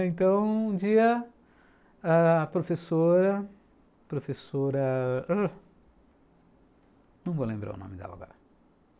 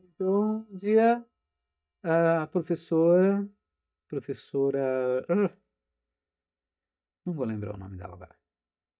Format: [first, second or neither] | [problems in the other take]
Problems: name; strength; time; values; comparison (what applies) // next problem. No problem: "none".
first | noise reduction (neural mask model DeepFilterNet 3)